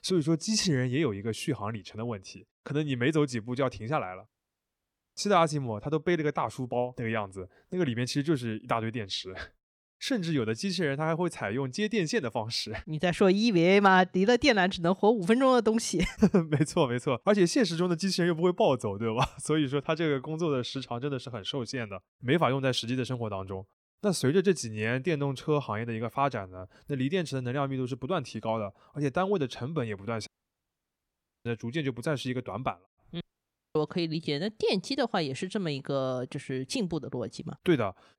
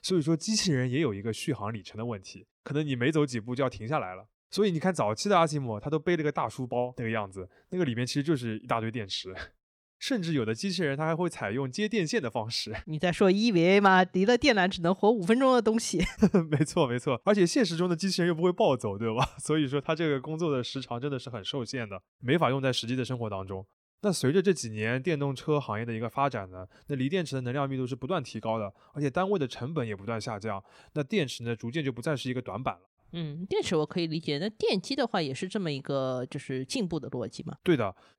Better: second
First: audio cutting out; at 4.5 s for 1 s, at 30 s for 1 s and at 33 s for 0.5 s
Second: none

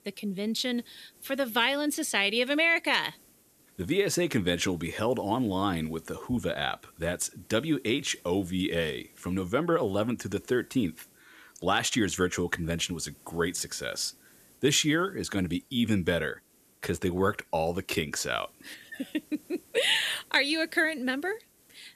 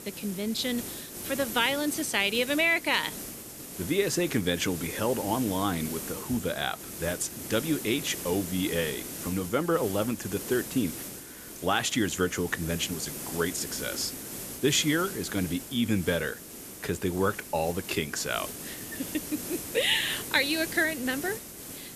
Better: first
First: hiss; faint; throughout; 30 dB below the speech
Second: hiss; loud; throughout; 9 dB below the speech

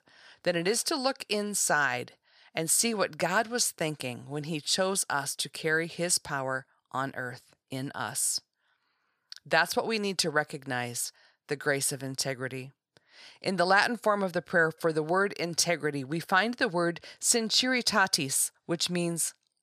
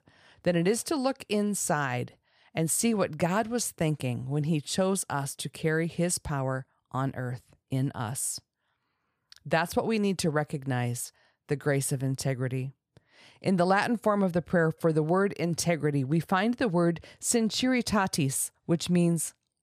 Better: second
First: thin; somewhat; fading below 1 kHz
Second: none

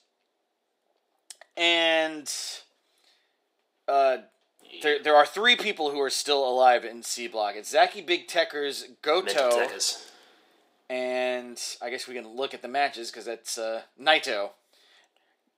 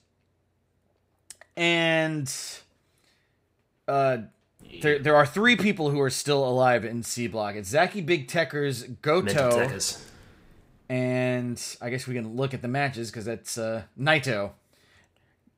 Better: second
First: thin; very; fading below 300 Hz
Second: none

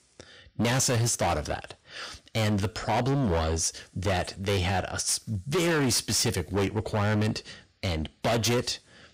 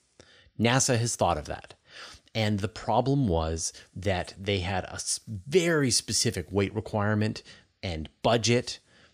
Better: second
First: distortion; heavy; 20% of the sound clipped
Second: none

